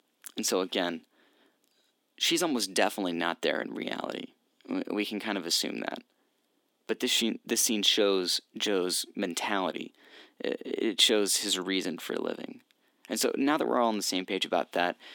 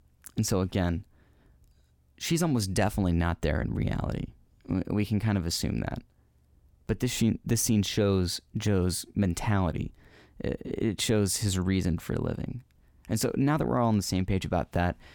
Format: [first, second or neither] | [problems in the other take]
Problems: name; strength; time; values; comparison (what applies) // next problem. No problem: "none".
second | thin; somewhat; fading below 250 Hz